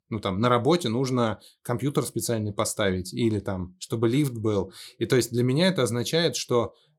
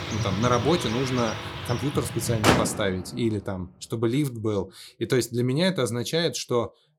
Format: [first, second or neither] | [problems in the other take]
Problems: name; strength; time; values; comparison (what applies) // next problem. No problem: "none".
first | traffic noise; loud; until 3 s; 2 dB below the speech